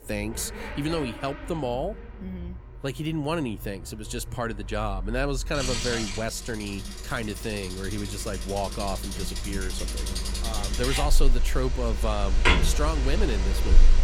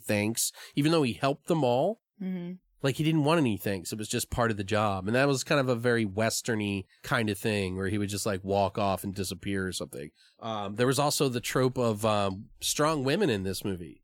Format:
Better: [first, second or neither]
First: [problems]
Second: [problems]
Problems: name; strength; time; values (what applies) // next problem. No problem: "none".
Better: second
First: traffic noise; very loud; throughout; 1 dB above the speech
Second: none